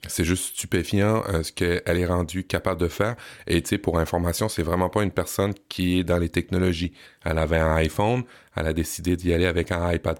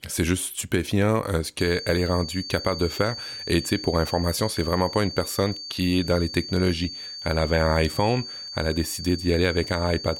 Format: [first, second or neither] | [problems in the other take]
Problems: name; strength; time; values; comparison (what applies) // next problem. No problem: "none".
first | high-pitched whine; loud; from 1.5 s on; 4.5 kHz, 9 dB below the speech